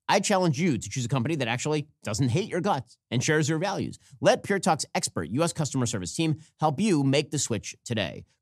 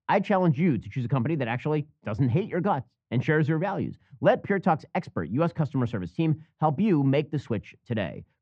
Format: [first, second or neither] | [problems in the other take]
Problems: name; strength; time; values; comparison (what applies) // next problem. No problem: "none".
first | muffled; very; fading above 2 kHz